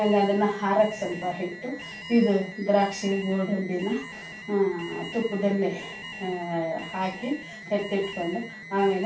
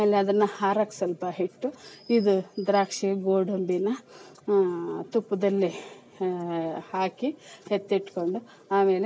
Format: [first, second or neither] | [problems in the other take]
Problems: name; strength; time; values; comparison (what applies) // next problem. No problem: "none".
second | background sound (Alarm); 14 dB below the speech // room echo; dies away in 0.3 s